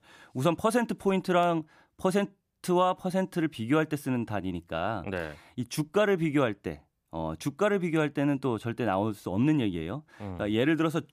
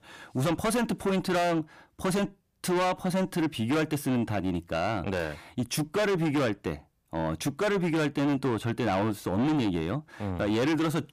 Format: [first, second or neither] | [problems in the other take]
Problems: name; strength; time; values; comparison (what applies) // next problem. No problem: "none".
first | distortion; heavy; 6 dB below the speech